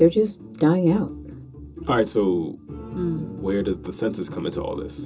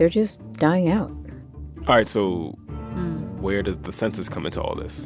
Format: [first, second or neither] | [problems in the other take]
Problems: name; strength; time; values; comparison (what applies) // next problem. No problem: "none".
second | room echo; dies away in 0.2 s